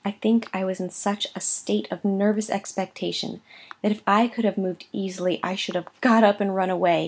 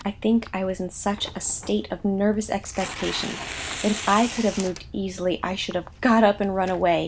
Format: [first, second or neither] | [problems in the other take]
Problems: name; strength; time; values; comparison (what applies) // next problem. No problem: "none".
first | background sound (Tearing); 13 dB below the speech